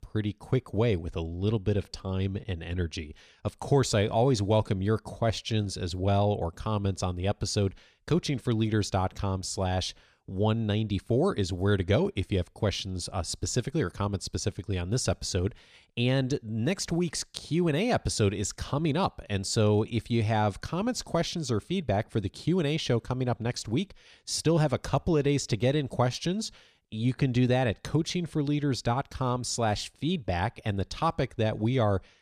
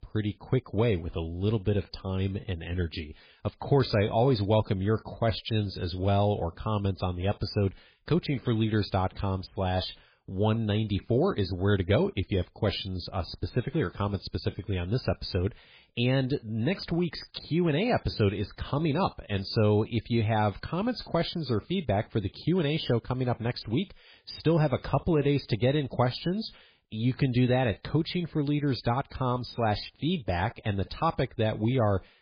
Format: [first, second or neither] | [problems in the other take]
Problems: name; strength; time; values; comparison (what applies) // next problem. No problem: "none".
first | garbled, watery; badly; nothing above 5 kHz